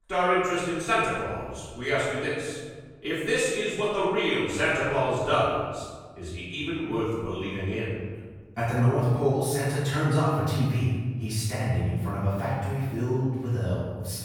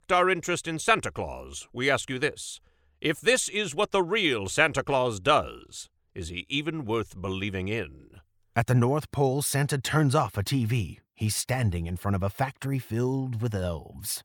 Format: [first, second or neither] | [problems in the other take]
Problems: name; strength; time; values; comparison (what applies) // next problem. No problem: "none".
second | off-mic speech; far // room echo; strong; dies away in 1.5 s